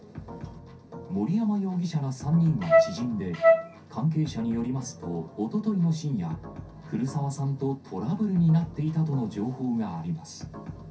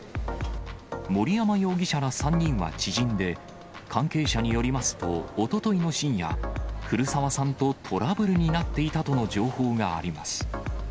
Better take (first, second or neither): second